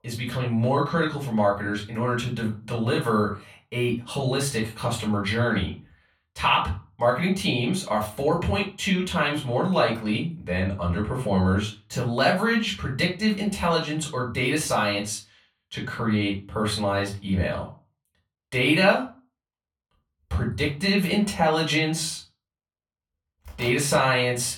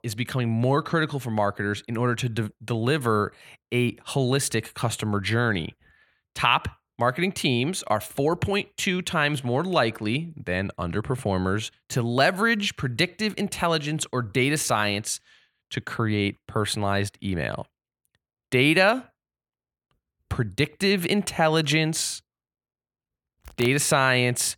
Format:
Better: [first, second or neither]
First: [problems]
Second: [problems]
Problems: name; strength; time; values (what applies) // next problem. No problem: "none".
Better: second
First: off-mic speech; far // room echo; slight; dies away in 0.3 s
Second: none